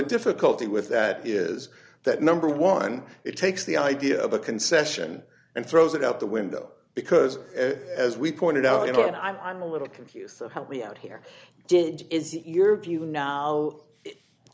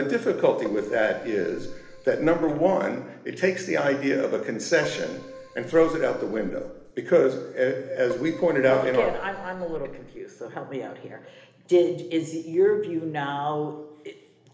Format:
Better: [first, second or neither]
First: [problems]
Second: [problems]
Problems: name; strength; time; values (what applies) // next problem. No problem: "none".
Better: first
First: none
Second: background sound (Keyboard (musical)); 14 dB below the speech // room echo; dies away in 1.1 s